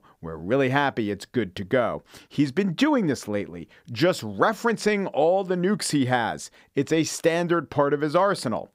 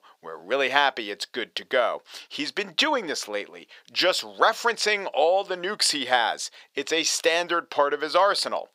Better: first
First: none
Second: thin; very; fading below 650 Hz

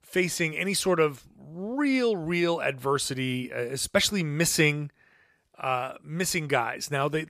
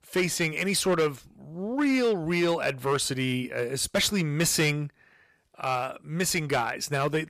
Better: first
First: none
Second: distortion; slight; 6% of the sound clipped

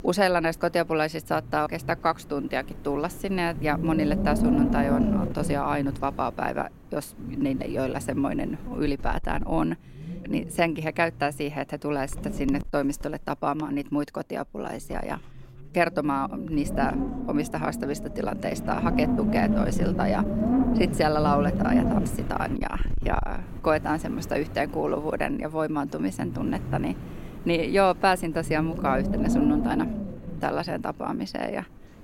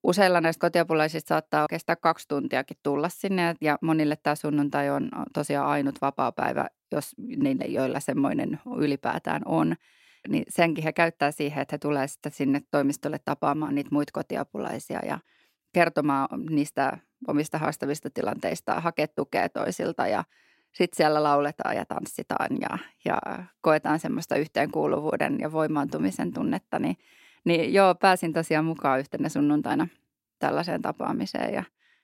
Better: second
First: wind noise on the microphone; heavy; 6 dB below the speech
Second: none

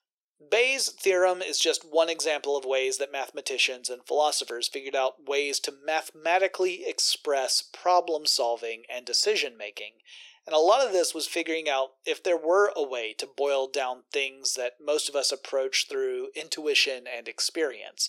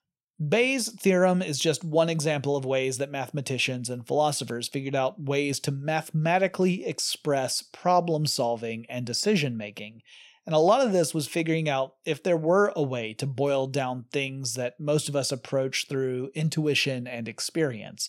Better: second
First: thin; very; fading below 350 Hz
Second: none

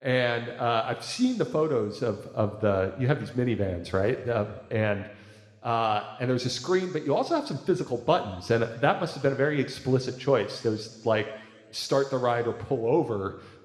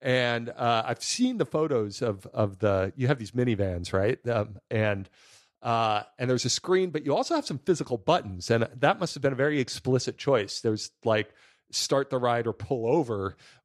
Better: second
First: room echo; slight; dies away in 1.3 s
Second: none

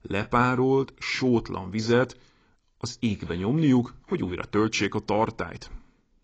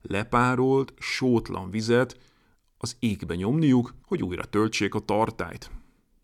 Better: second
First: garbled, watery; badly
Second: none

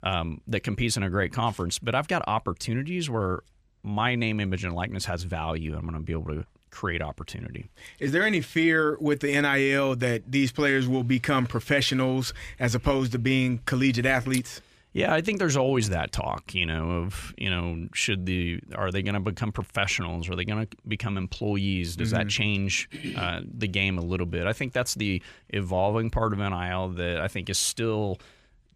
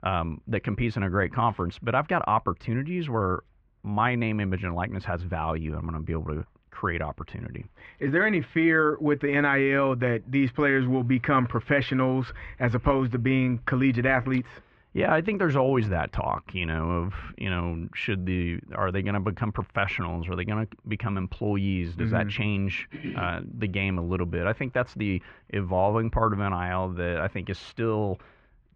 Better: first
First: none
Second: muffled; very; fading above 2 kHz

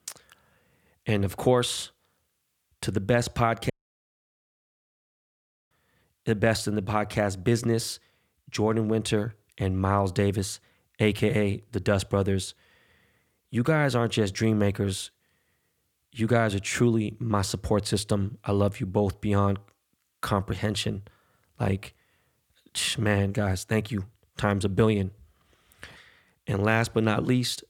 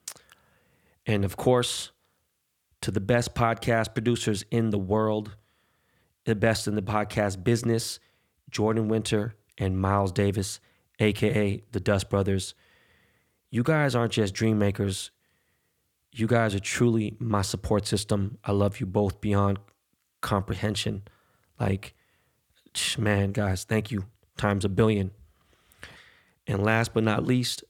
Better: second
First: audio cutting out; at 3.5 s for 2 s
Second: none

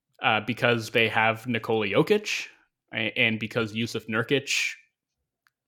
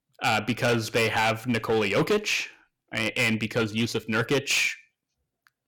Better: first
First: none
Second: distortion; heavy; 8% of the sound clipped

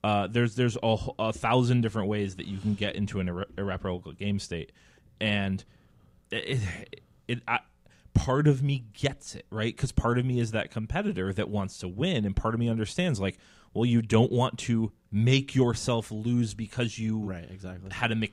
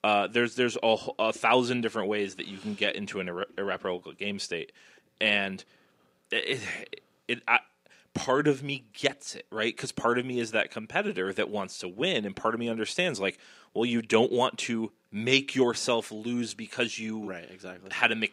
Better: first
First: none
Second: thin; somewhat; fading below 350 Hz

